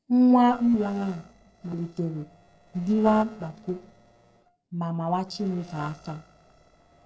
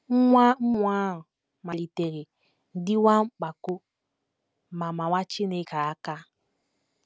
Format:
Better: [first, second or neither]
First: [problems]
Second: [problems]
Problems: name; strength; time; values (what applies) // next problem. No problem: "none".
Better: second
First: noise reduction (neural separator model SepFormer DNS4)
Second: none